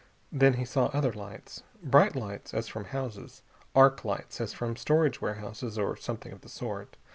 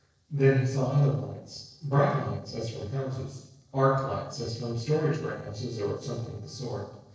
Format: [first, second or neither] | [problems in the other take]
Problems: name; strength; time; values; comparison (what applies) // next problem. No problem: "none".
first | noise reduction (neural separator model SepFormer DNS4)